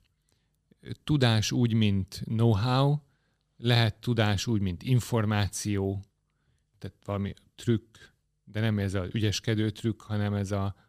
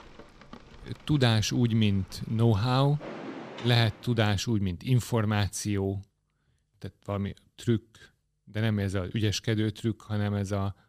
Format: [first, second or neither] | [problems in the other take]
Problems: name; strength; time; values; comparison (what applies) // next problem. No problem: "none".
first | rain or running water; noticeable; until 3.5 s; 20 dB below the speech